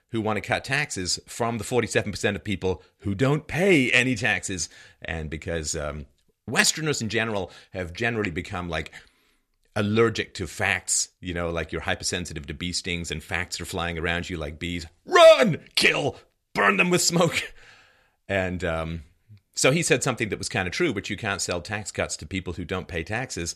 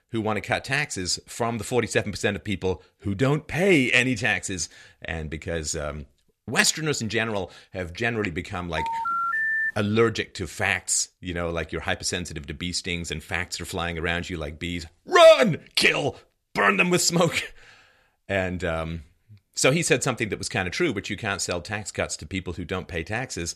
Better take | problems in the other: first | phone ringing; loud; at 9 s; peak 1 dB above the speech

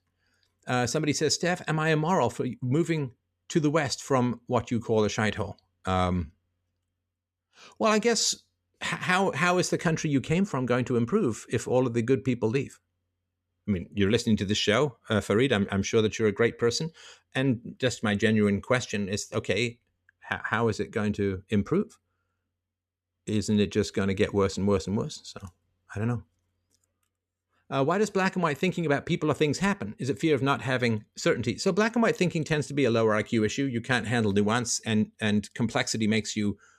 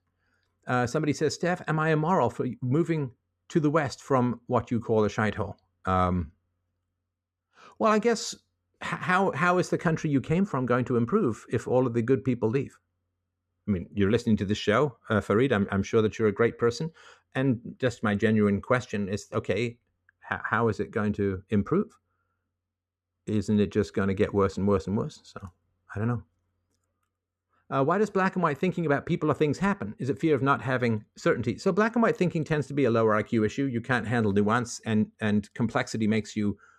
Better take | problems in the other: first | muffled; slightly; fading above 2 kHz

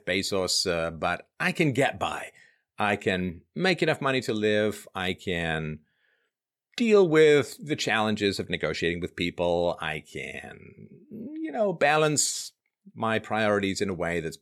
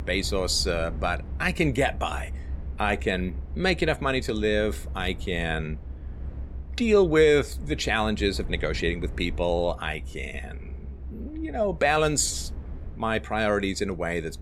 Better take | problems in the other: first | low rumble; faint; throughout; 25 dB below the speech

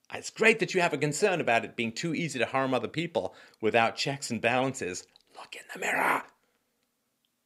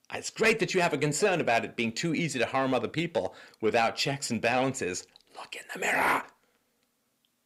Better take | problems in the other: first | distortion; slight; 10 dB below the speech

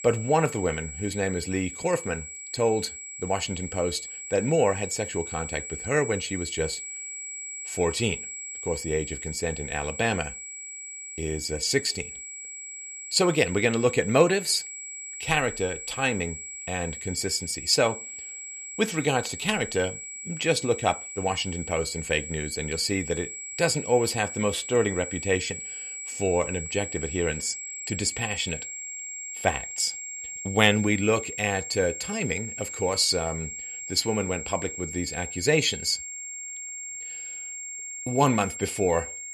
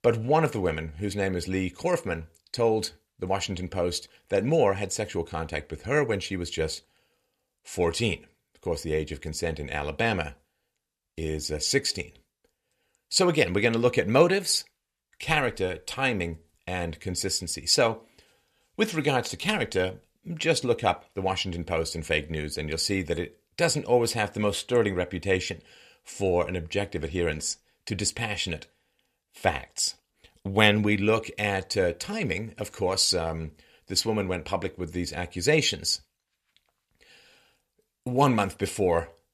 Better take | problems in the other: second | high-pitched whine; loud; throughout; 7.5 kHz, 8 dB below the speech

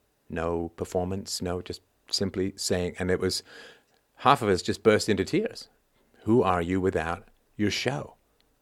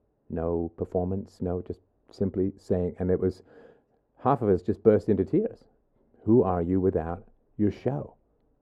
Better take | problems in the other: first | muffled; very; fading above 1.5 kHz

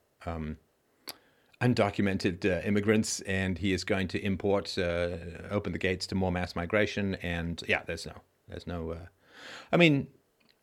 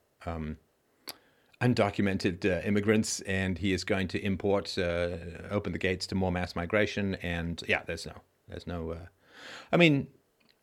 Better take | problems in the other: neither | none

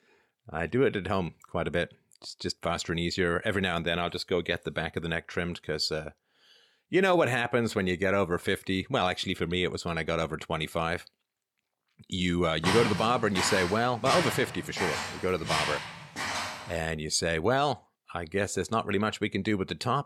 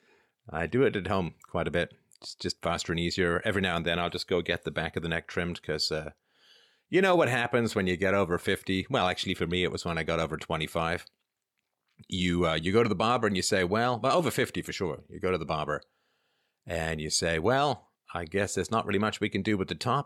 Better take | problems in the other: second | footsteps; loud; from 13 to 17 s; peak level with the speech

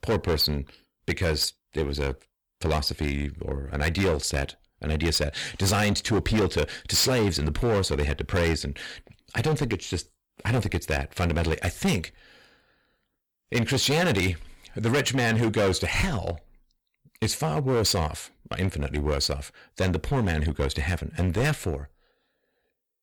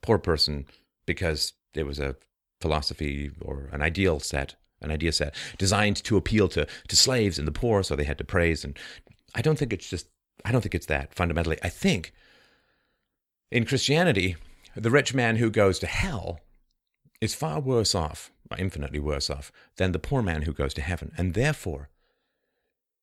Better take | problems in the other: second | distortion; heavy; 10% of the sound clipped

